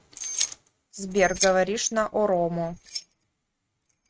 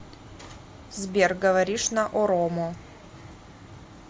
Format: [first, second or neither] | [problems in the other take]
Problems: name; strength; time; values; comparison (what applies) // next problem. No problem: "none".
second | noise reduction (neural mask model RNNoise)